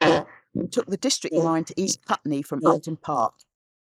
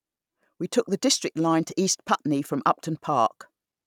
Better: second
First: noise reduction (neural mask model Resemble Enhance denoiser)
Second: none

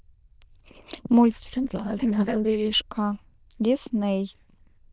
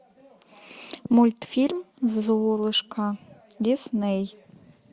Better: second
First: noise reduction (neural diffusion model UNIVERSE++)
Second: none

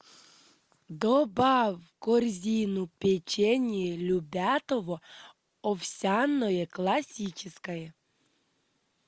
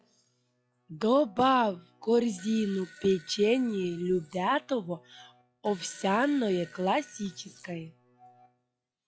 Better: first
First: none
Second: noise reduction (classical method log-MMSE)

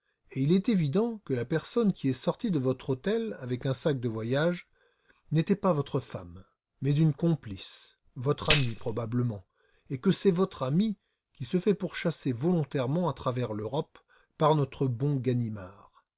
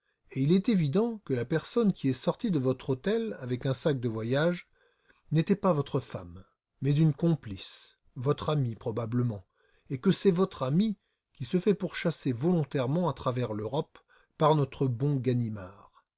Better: second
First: background sound (Tambourine); 2 dB below the speech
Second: none

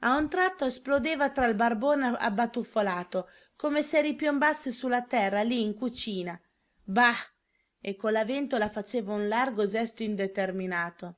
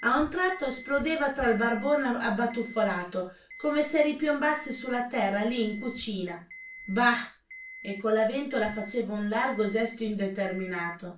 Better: first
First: none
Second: background sound (Alarm); 19 dB below the speech // room echo; dies away in 0.3 s

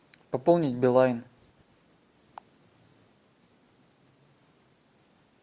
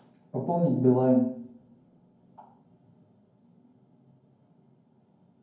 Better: first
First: none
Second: room echo; dies away in 0.9 s

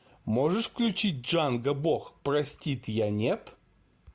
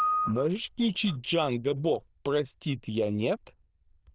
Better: first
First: none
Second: noise reduction (neural diffusion model UNIVERSE++)

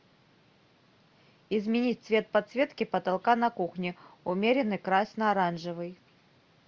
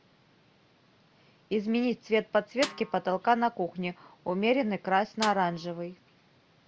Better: first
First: none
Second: background sound (Snare drum); 13 dB below the speech

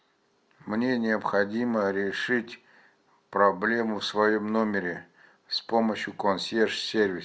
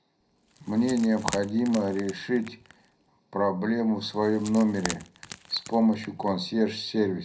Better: first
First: none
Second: background sound (Wood); 15 dB below the speech // room echo; dies away in 0.3 s

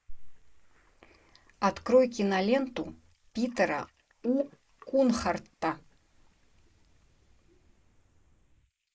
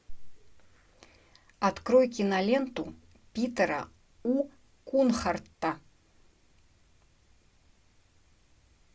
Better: second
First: noise reduction (neural mask model Resemble Enhance denoiser)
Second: none

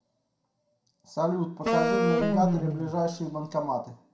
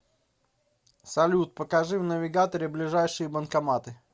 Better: second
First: background sound (Wind instrument, woodwind instrument); 3 dB above the speech // room echo; dies away in 0.5 s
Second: none

